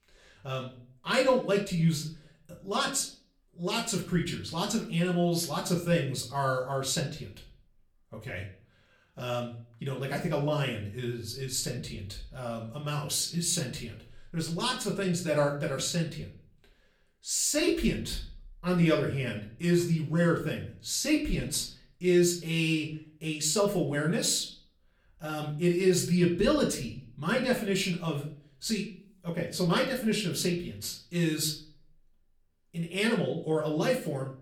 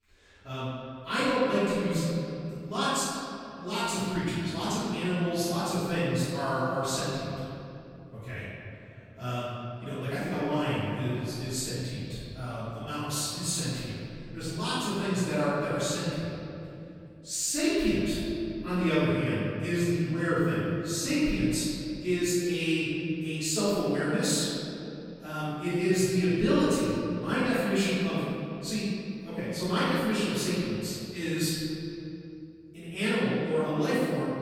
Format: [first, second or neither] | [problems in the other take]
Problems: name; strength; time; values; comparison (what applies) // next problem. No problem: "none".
first | room echo; strong; dies away in 2.7 s; slight in the first // off-mic speech; far; far in the first